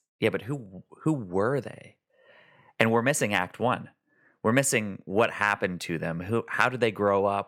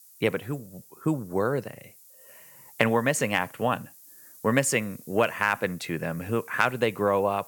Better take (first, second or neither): first